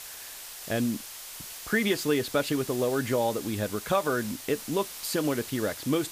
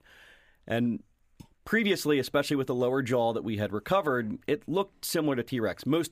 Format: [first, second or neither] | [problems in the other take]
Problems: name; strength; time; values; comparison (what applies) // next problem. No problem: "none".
second | hiss; loud; throughout; 10 dB below the speech